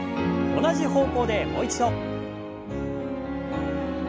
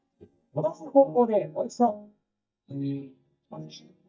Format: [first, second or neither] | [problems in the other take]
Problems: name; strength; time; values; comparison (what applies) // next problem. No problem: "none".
first | noise reduction (neural mask model DeepFilterNet 3)